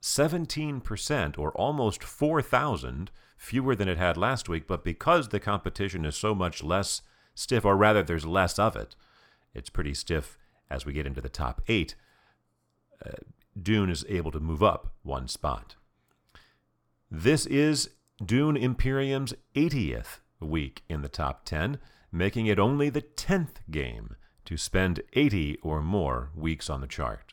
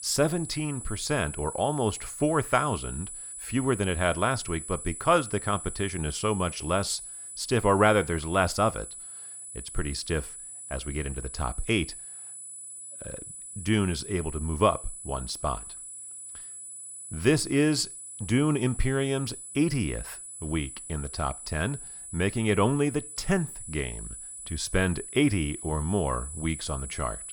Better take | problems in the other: first | high-pitched whine; loud; throughout; 10 kHz, 10 dB below the speech

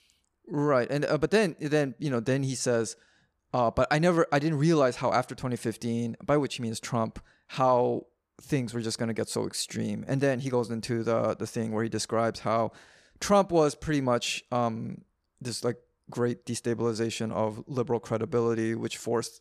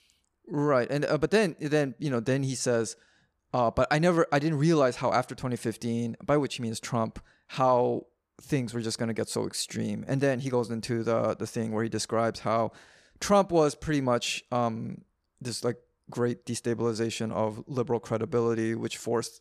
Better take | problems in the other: neither | none

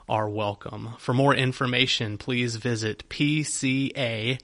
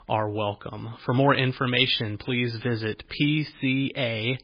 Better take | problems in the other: first | garbled, watery; badly; slightly in the first

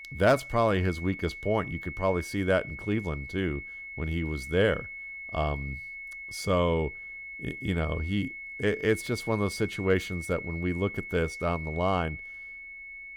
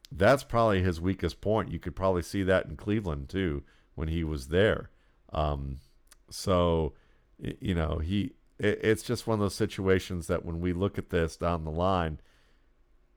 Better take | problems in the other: second | high-pitched whine; loud; throughout; 2 kHz, 9 dB below the speech

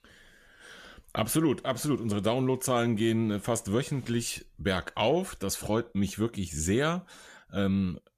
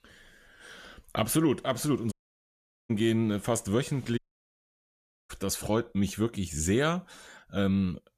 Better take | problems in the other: first | audio cutting out; at 2 s for 1 s and at 4 s for 1 s

